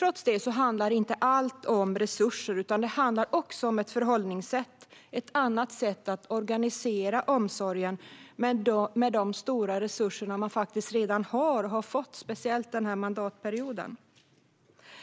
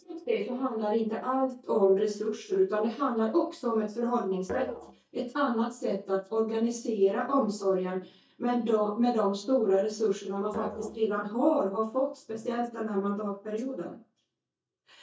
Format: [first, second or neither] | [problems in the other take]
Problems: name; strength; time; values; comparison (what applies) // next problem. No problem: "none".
first | noise reduction (neural mask model DeepFilterNet 3)